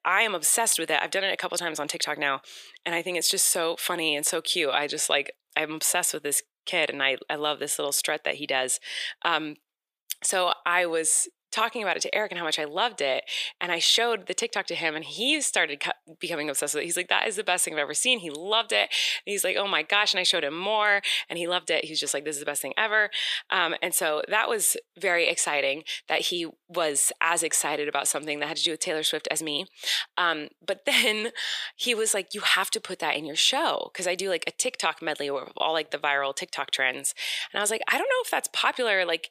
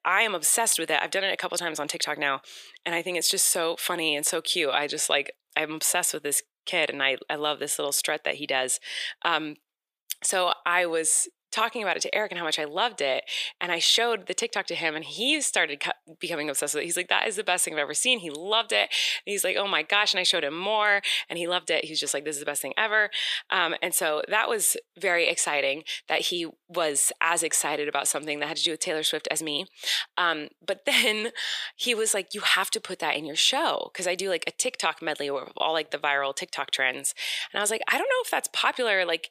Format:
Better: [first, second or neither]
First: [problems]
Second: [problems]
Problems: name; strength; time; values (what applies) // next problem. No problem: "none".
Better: neither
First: thin; very; fading below 350 Hz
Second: thin; very; fading below 350 Hz